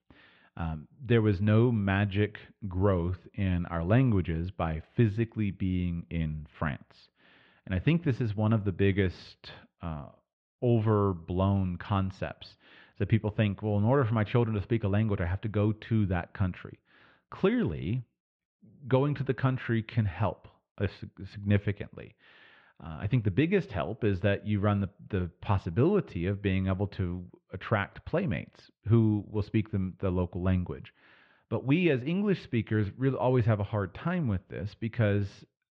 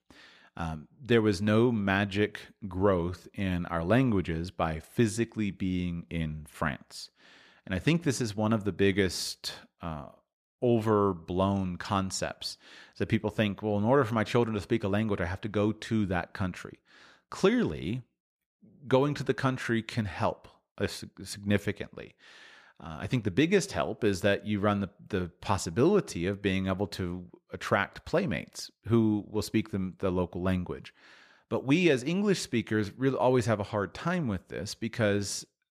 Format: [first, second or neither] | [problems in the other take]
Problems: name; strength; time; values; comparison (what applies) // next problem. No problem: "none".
second | muffled; very; fading above 3 kHz